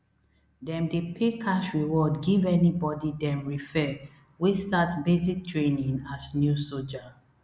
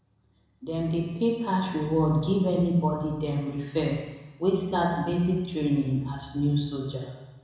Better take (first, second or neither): first